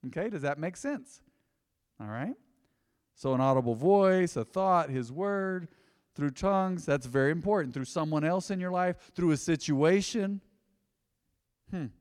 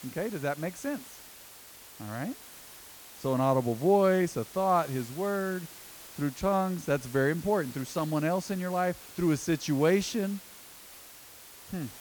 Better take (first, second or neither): first